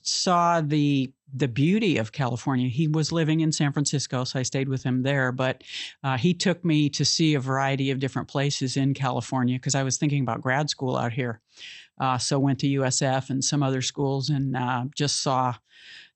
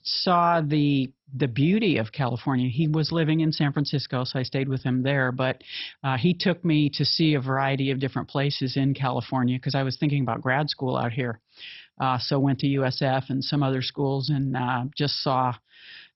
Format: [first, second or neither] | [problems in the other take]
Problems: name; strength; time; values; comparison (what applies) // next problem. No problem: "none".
first | garbled, watery; badly; nothing above 5.5 kHz; slightly in the first